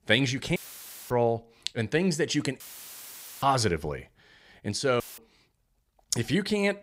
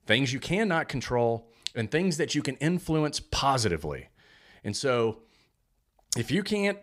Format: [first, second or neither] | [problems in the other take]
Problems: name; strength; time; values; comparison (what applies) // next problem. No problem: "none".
second | audio cutting out; filled with static; at 0.5 s for 0.5 s, at 2.5 s for 1 s and at 5 s